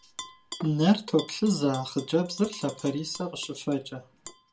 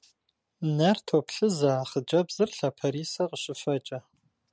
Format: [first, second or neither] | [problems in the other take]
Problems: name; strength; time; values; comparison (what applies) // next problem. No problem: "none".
second | background sound (Tap / Glass); 18 dB below the speech // room echo; dies away in 0.2 s